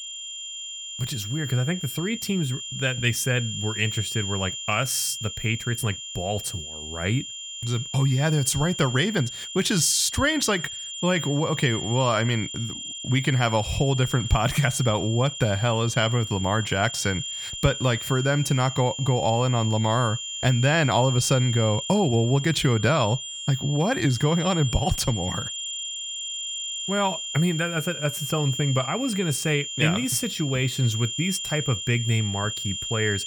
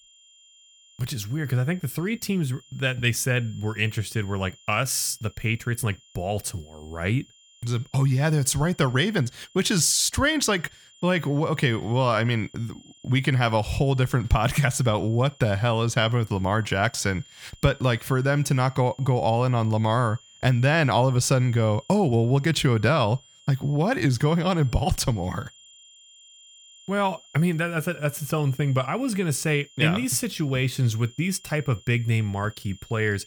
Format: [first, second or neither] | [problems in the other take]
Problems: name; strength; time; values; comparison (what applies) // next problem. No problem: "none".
second | high-pitched whine; loud; throughout; 3 kHz, 7 dB below the speech; faint in the second